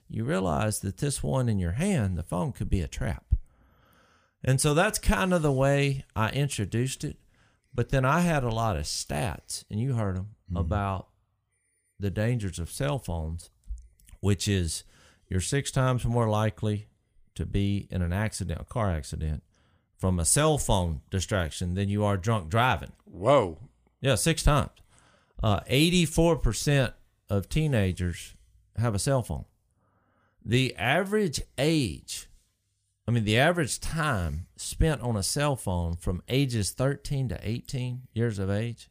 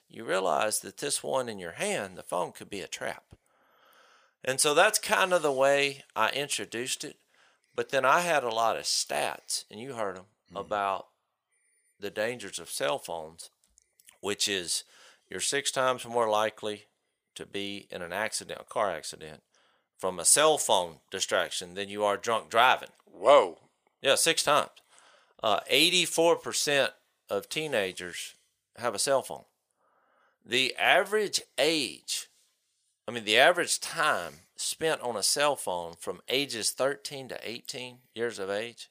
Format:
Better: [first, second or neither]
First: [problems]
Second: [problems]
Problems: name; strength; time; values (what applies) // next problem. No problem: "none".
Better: first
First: none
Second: thin; very; fading below 550 Hz